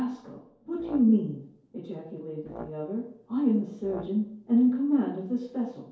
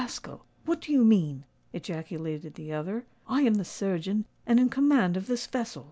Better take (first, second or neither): second